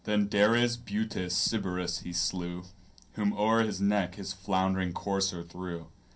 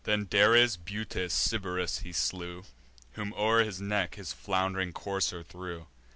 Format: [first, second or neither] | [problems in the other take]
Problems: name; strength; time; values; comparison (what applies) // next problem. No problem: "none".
second | room echo; dies away in 0.3 s